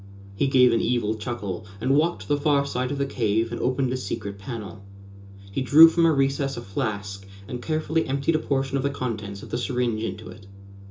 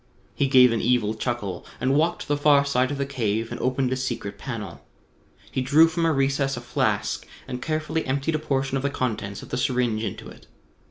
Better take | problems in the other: second | background sound (Organ); 16 dB below the speech // room echo; dies away in 0.2 s

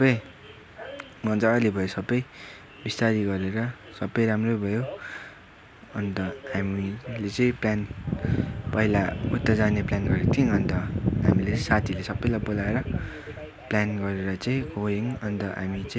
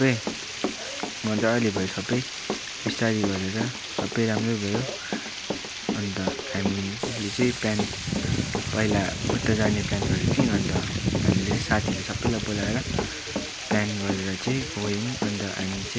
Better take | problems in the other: first | background sound (Water + Run); 5 dB below the speech

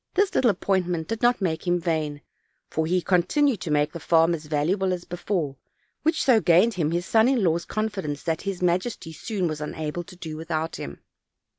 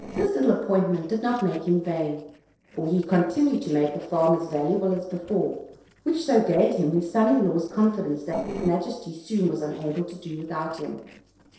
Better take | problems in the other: first | noise reduction (neural separator model SepFormer DNS4)

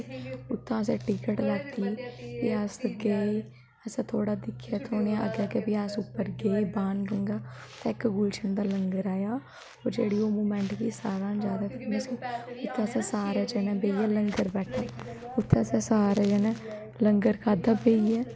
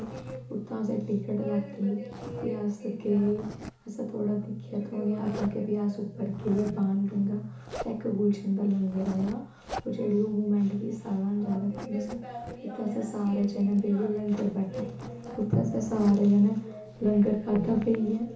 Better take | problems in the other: first | background sound (Zipper (clothing)); 18 dB below the speech // room echo; dies away in 0.8 s

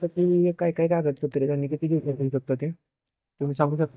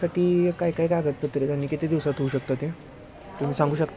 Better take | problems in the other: second | noise reduction (neural mask model DeepFilterNet 3)

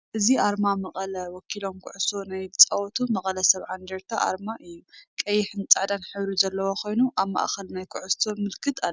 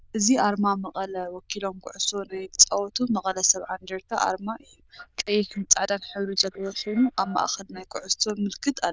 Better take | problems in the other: first | noise reduction (neural diffusion model UNIVERSE++)

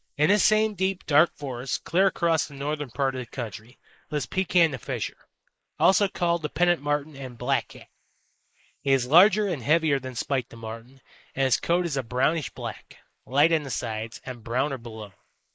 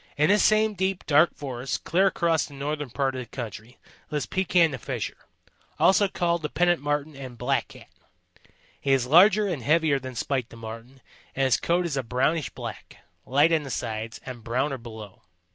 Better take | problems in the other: second | noise reduction (neural mask model Resemble Enhance denoiser)

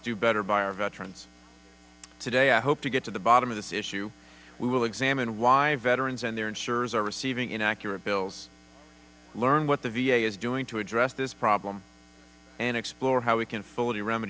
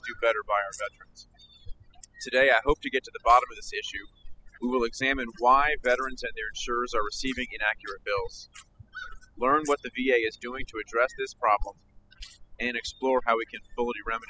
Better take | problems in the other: first | noise reduction (classical method spectral subtraction)

